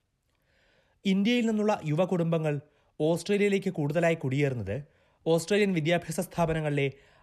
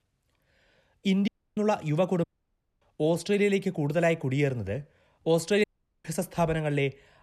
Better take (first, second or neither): first